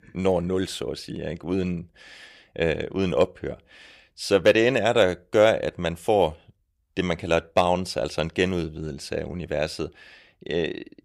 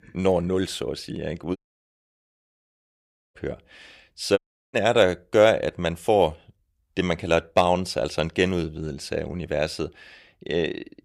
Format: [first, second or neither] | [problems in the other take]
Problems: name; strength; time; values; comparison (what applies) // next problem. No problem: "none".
first | audio cutting out; at 1.5 s for 2 s and at 4.5 s